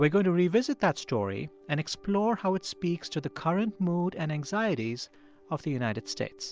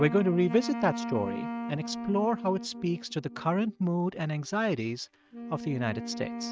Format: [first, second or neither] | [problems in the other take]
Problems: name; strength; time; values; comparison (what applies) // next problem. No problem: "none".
first | noise reduction (neural mask model RNNoise)